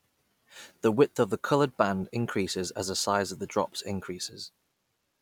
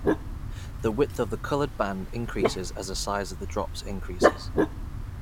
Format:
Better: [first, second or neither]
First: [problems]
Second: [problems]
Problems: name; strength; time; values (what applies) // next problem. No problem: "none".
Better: first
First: none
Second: background sound (Dog); 2 dB above the speech